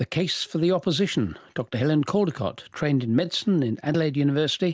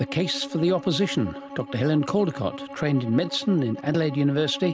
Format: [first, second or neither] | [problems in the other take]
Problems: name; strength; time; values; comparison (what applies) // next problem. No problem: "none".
first | background sound (Bowed string instrument); 12 dB below the speech